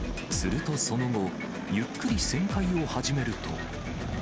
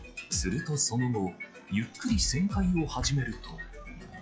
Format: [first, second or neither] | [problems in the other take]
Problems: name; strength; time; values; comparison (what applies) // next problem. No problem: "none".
first | noise reduction (classical method log-MMSE)